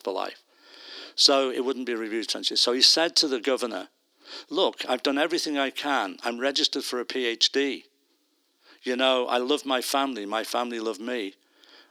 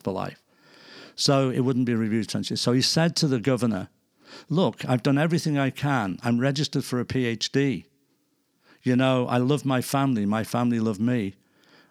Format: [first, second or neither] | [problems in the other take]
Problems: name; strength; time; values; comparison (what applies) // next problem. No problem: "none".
second | thin; somewhat; fading below 300 Hz